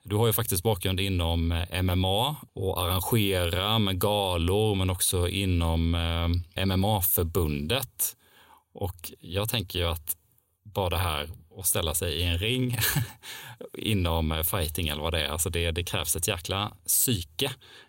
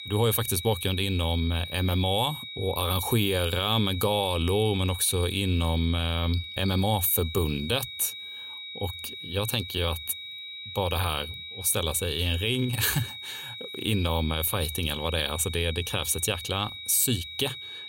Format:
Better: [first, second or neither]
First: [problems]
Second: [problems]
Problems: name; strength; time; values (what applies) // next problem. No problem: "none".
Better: first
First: none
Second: high-pitched whine; loud; throughout; 4 kHz, 10 dB below the speech